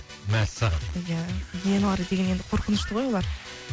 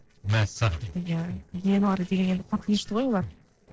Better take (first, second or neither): first